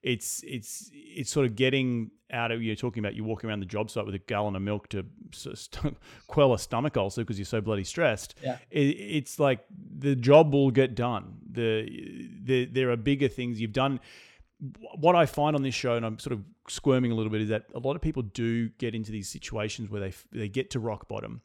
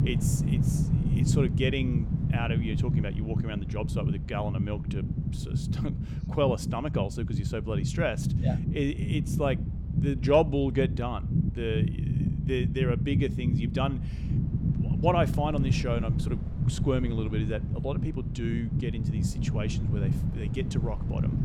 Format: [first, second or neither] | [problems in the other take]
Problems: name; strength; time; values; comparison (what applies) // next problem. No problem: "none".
first | low rumble; loud; throughout; 7 dB below the speech